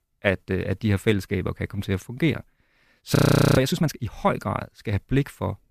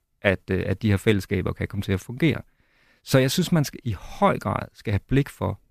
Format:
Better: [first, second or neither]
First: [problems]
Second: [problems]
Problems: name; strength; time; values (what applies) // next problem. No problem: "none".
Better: second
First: audio freezing; at 3 s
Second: none